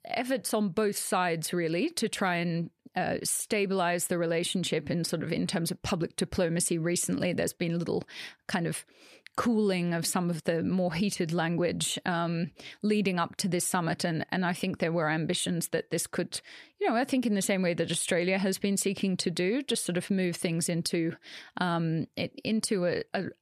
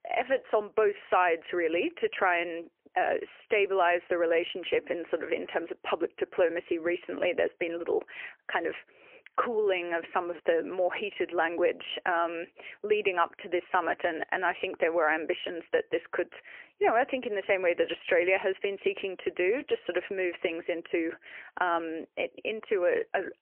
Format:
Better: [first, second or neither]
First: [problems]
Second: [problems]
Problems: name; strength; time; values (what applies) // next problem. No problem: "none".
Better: first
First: none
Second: phone-call audio; poor line; nothing above 3 kHz